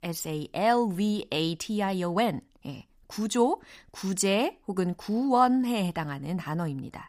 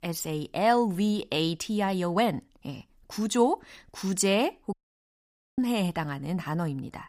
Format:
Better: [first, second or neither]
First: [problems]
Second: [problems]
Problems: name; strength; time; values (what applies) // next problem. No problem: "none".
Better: first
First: none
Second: audio cutting out; at 4.5 s for 1 s